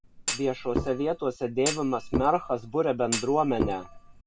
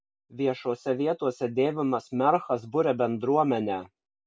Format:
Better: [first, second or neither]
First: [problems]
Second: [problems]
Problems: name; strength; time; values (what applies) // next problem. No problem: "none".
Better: second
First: background sound (Thump, thud); 6 dB below the speech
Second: none